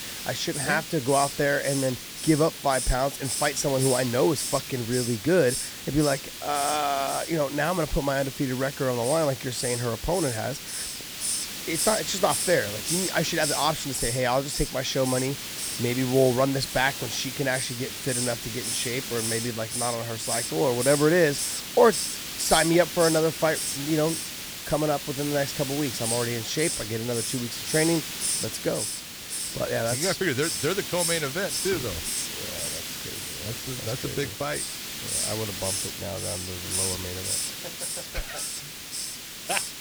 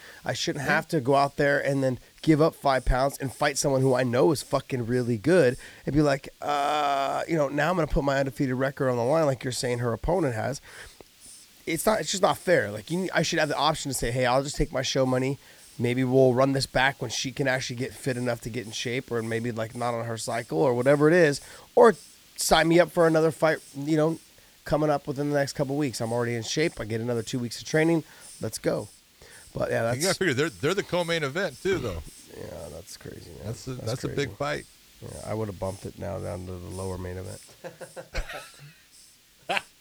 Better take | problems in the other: second | hiss; loud; throughout; 3 dB below the speech; faint in the second

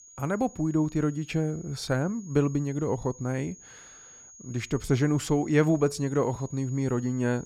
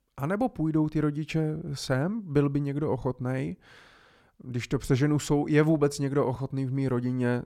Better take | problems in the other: second | high-pitched whine; faint; throughout; 6.5 kHz, 20 dB below the speech

